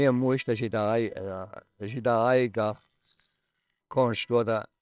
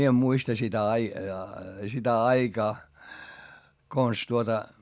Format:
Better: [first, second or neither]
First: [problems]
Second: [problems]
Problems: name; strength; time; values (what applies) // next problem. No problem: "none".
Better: second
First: noise reduction (neural separator model SepFormer WHAMR!)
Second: none